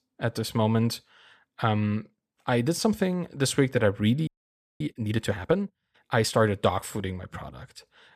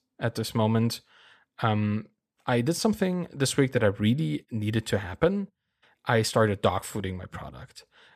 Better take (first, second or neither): second